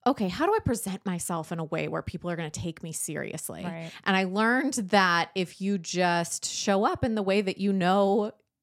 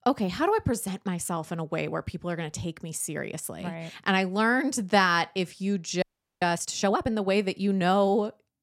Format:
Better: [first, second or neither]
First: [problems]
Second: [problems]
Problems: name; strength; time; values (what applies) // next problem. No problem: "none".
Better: first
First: none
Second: audio freezing; at 6 s